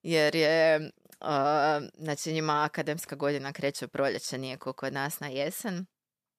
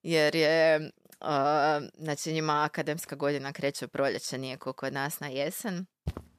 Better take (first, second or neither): first